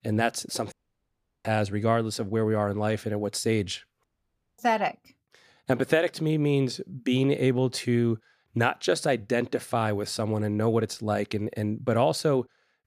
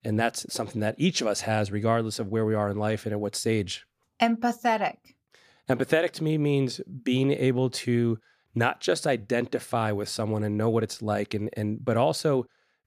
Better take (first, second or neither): second